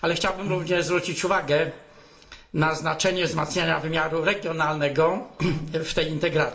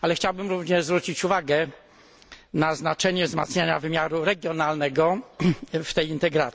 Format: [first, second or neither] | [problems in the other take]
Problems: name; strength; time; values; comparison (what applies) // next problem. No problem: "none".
second | background sound (Piano); 11 dB below the speech // room echo; dies away in 1.2 s